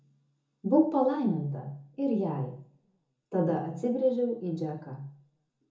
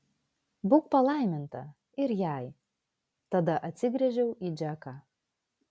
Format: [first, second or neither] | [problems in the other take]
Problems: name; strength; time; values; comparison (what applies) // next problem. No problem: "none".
second | room echo; dies away in 0.6 s